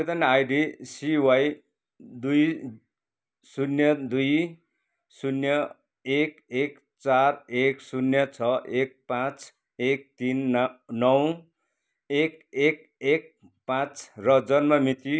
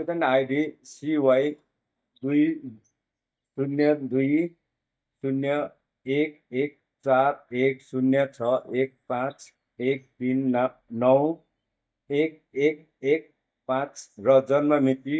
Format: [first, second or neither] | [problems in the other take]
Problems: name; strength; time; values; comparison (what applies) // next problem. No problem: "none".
first | noise reduction (neural mask model DeepFilterNet 3)